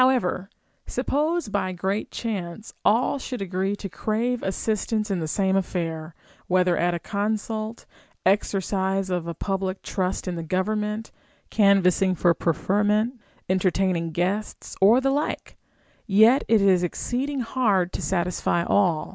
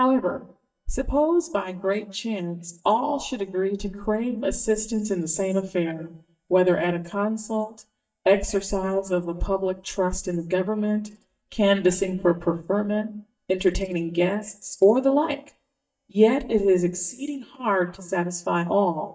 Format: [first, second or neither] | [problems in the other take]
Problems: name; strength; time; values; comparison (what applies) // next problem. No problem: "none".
first | noise reduction (neural mask model DeepFilterNet 3)